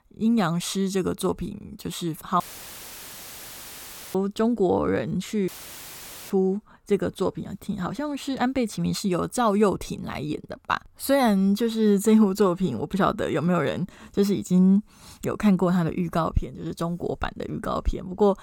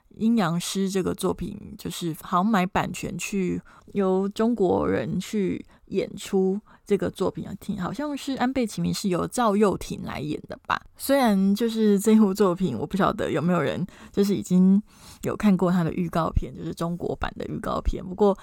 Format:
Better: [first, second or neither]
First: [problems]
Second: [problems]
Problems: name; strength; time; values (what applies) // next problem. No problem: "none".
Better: second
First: audio cutting out; filled with static; at 2.5 s for 1.5 s and at 5.5 s for 1 s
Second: none